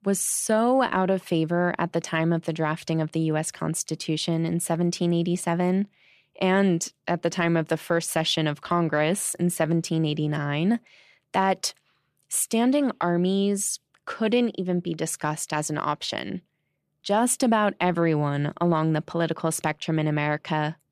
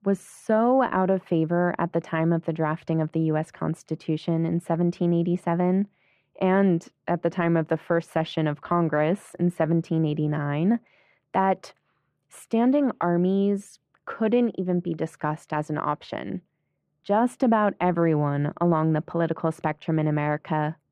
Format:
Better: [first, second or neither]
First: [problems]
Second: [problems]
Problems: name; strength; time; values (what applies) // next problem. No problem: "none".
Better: first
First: none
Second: muffled; very; fading above 3 kHz